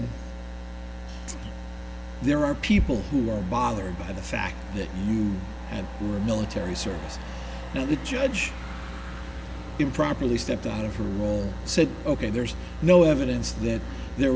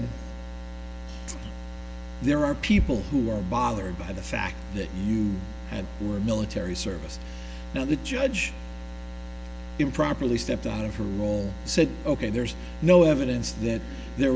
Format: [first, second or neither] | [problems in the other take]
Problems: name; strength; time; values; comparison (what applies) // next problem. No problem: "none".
second | background sound (Motor vehicle (road)); 16 dB below the speech